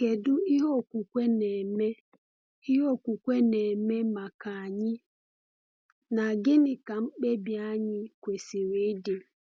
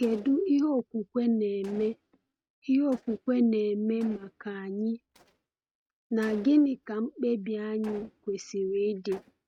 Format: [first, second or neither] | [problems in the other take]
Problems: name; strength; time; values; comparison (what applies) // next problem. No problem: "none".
first | noise reduction (neural mask model RNNoise)